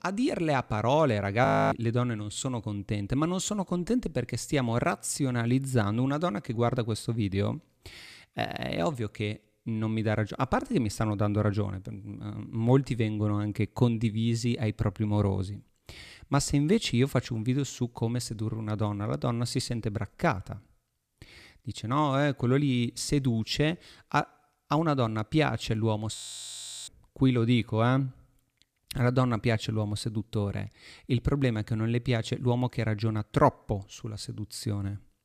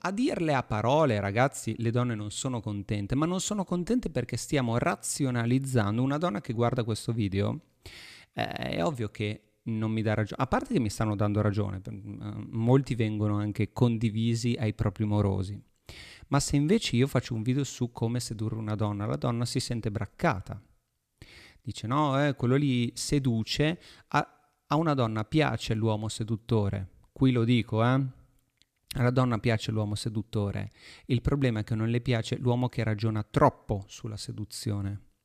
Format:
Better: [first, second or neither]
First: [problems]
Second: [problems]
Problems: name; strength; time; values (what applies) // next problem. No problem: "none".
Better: second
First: audio freezing; at 1.5 s and at 26 s for 0.5 s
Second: none